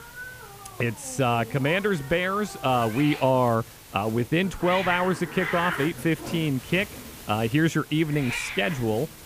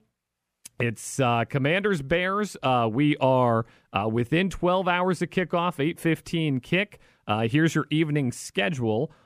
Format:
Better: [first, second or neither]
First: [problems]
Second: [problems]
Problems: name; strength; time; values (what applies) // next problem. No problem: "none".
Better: second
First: hiss; noticeable; throughout; 10 dB below the speech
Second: none